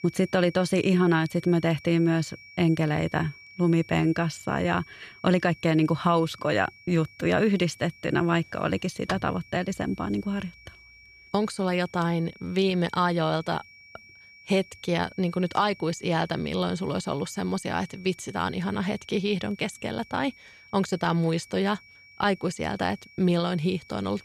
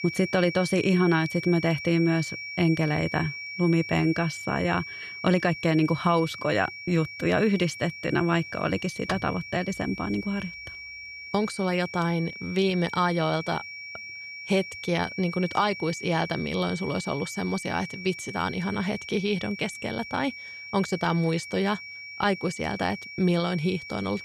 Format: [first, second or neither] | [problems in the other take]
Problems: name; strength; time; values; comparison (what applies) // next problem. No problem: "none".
first | high-pitched whine; loud; throughout; 2.5 kHz, 10 dB below the speech; faint in the first